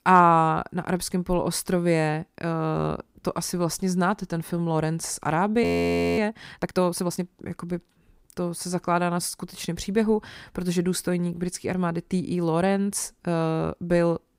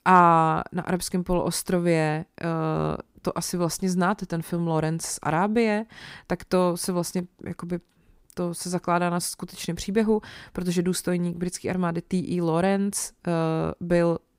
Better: second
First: audio freezing; at 5.5 s for 0.5 s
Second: none

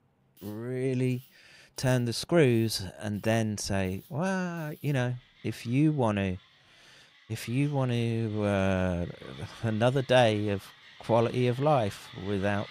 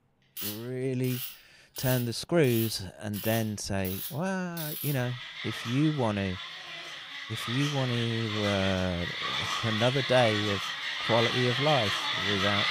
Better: first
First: machinery noise; faint; throughout; 25 dB below the speech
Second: machinery noise; loud; throughout; 2 dB below the speech

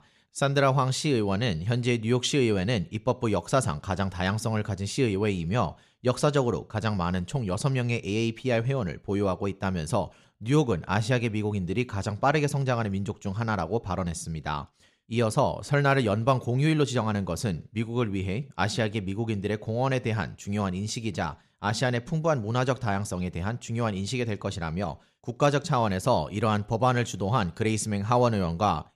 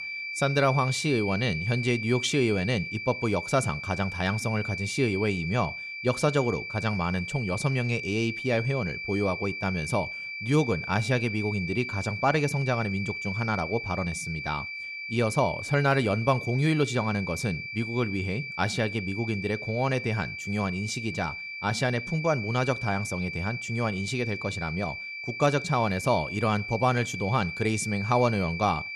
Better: first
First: none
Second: high-pitched whine; loud; throughout; 2.5 kHz, 6 dB below the speech

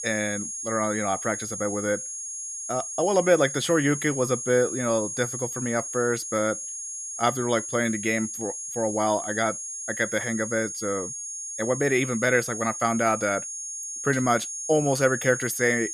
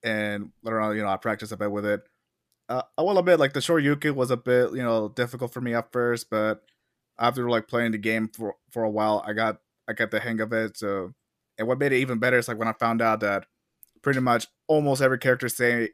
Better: second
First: high-pitched whine; loud; throughout; 6.5 kHz, 6 dB below the speech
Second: none

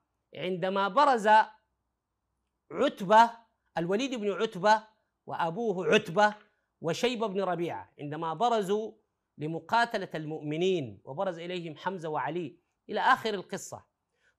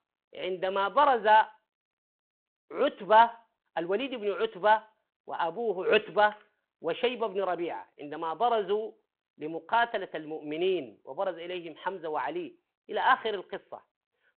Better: first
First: none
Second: phone-call audio

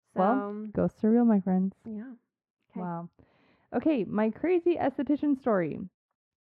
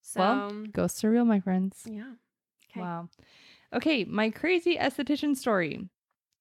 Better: second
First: muffled; very; fading above 3 kHz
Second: none

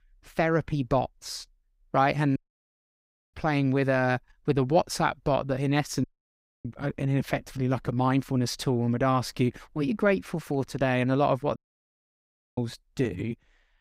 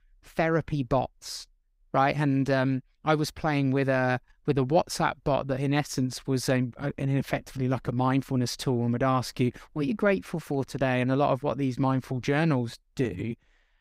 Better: second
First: audio cutting out; at 2.5 s for 1 s, at 6 s for 0.5 s and at 12 s for 1 s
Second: none

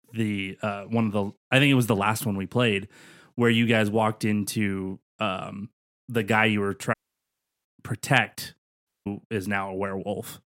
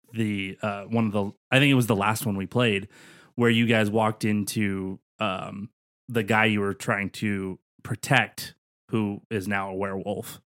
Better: second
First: audio cutting out; at 7 s for 0.5 s and at 9 s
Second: none

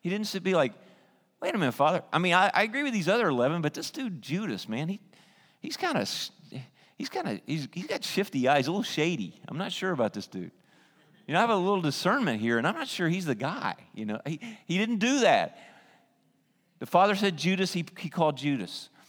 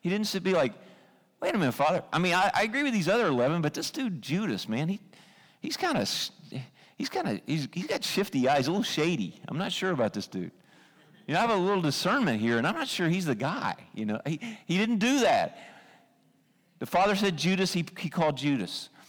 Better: first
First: none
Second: distortion; slight; 10 dB below the speech

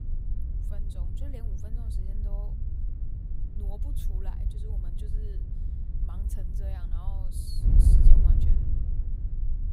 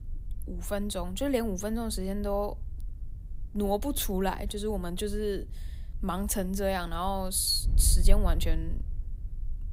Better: second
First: wind noise on the microphone; heavy; 3 dB above the speech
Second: wind noise on the microphone; occasional gusts; 25 dB below the speech

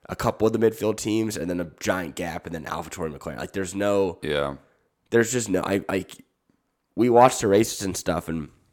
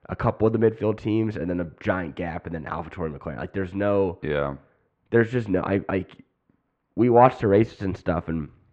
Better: first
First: none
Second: muffled; very; fading above 2.5 kHz

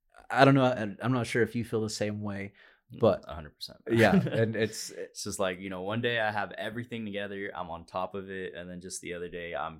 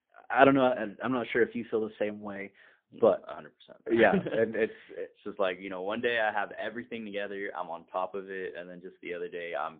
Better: first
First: none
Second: phone-call audio; poor line

